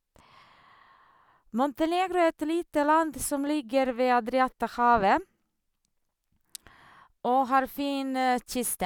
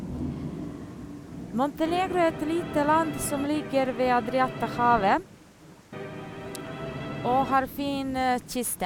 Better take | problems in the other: first | background sound (Thunder / Rain + Musical instrument); 9 dB below the speech

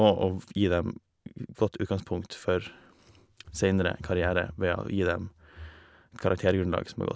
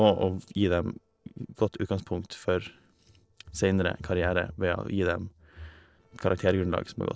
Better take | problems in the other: first | noise reduction (neural separator model SepFormer DNS4)

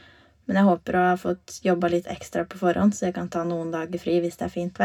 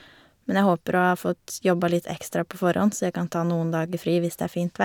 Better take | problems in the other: second | room echo; dies away in 0.2 s

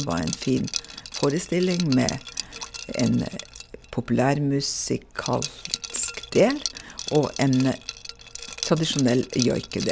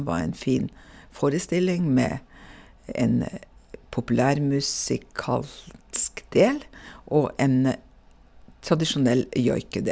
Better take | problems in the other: second | background sound (Liquid); 11 dB below the speech

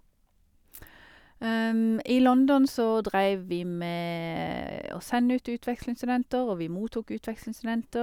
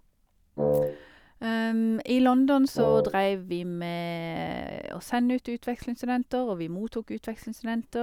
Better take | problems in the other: first | background sound (Wind instrument, woodwind instrument); 1 dB above the speech

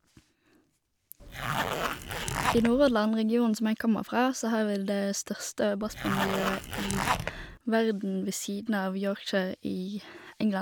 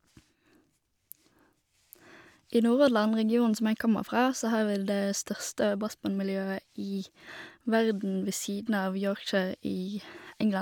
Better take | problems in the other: second | background sound (Zipper (clothing)); 2 dB below the speech

